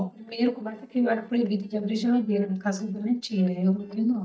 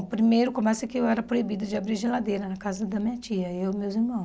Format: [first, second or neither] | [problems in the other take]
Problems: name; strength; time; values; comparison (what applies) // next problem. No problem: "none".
second | noise reduction (neural mask model DeepFilterNet 3)